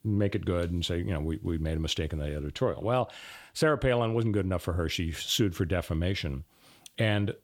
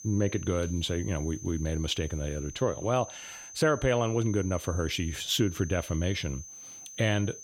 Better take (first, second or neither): first